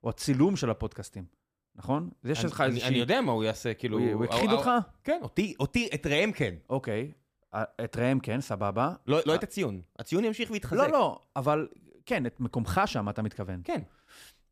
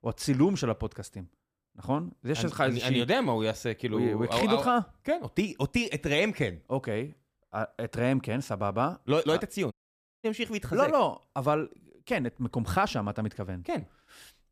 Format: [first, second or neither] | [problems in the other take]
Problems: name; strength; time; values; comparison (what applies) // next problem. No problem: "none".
first | audio cutting out; at 9.5 s for 0.5 s